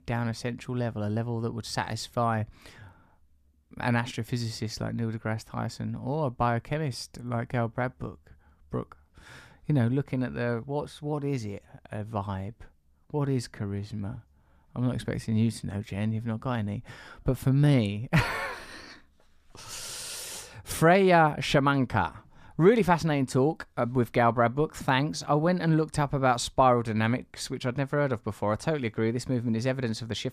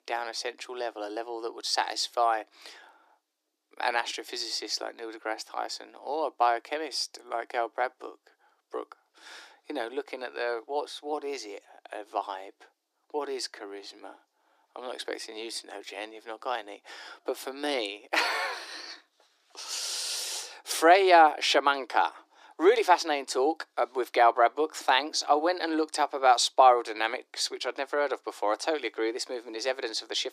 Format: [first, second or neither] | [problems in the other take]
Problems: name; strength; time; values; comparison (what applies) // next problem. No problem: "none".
first | thin; very; fading below 300 Hz